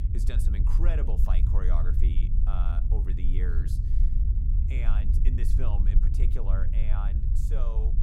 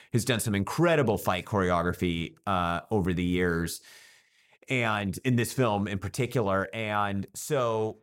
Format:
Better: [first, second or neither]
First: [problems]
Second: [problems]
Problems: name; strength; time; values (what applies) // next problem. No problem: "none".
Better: second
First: low rumble; loud; throughout; 3 dB below the speech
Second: none